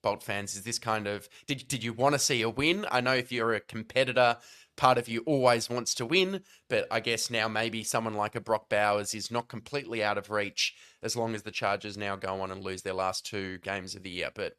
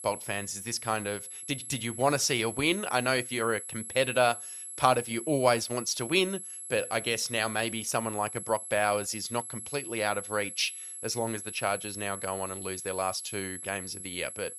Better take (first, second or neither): first